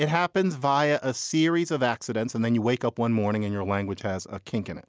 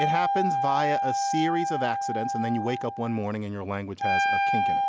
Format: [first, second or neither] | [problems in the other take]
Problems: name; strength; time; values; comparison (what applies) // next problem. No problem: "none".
first | background sound (Wind instrument, woodwind instrument); 3 dB above the speech